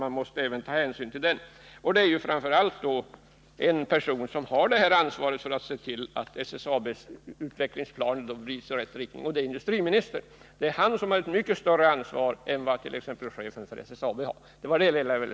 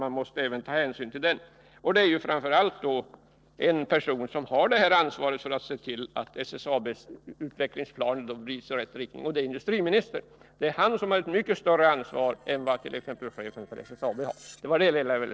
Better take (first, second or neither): first